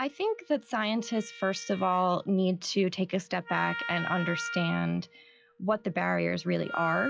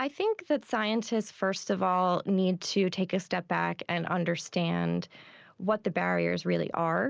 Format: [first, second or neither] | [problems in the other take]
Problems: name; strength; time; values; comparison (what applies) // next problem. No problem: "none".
second | noise reduction (classical method log-MMSE)